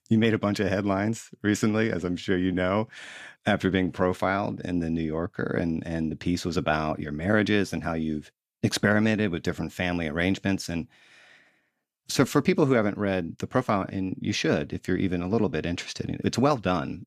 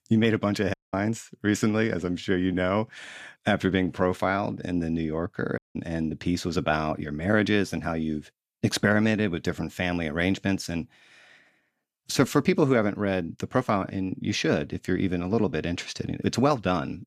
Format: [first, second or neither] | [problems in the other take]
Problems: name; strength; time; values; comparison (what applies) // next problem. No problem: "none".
first | audio cutting out; at 0.5 s and at 5.5 s